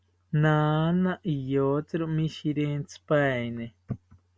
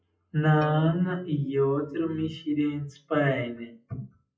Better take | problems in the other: first | noise reduction (classical method WPE with log-MMSE)

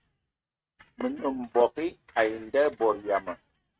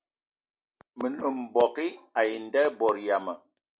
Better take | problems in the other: second | noise reduction (neural mask model RNNoise)

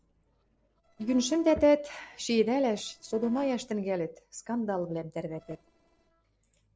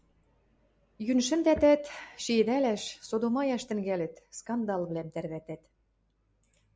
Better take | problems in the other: second | noise reduction (neural separator model SepFormer DNS4)

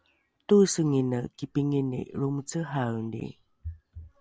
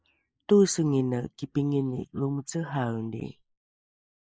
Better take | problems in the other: first | noise reduction (neural mask model Resemble Enhance denoiser)

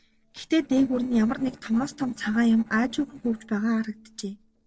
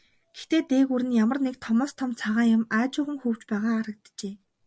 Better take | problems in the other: second | noise reduction (neural separator model SepFormer DNS4)

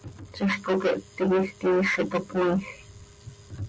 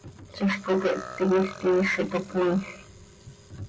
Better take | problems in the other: first | background sound (Burping, eructation); 17 dB below the speech // room echo; dies away in 1.9 s

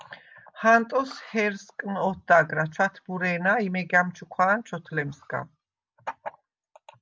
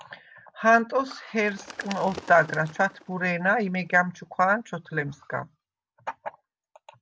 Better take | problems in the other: first | background sound (Bird); 20 dB below the speech

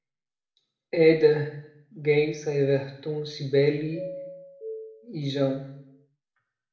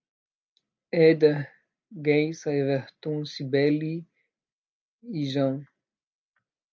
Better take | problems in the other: second | background sound (Doorbell); 14 dB below the speech // room echo; dies away in 0.7 s

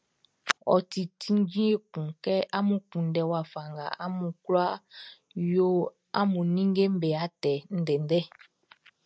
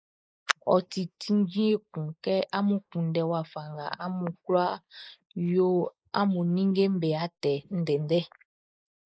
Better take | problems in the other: first | noise reduction (neural mask model Resemble Enhance denoiser)

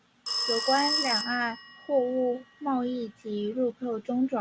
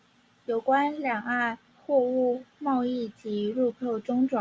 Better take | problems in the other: second | background sound (Telephone); 5 dB below the speech

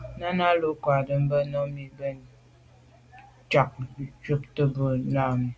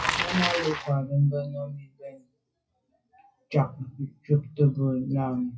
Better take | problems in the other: first | noise reduction (classical method WPE with log-MMSE)

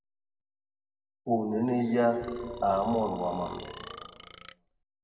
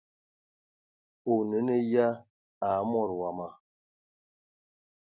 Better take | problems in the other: second | background sound (Burping, eructation); 13 dB below the speech // room echo; dies away in 1.9 s

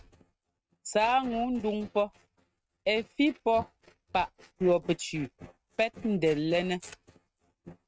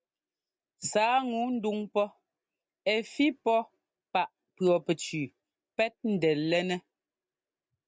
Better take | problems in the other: second | noise reduction (neural mask model RNNoise)

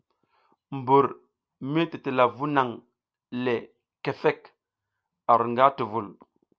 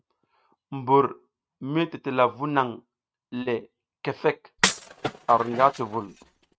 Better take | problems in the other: first | noise reduction (neural mask model RNNoise)

